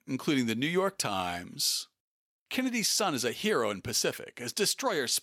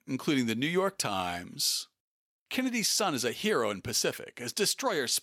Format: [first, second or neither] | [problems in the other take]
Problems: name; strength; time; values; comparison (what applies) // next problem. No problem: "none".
neither | none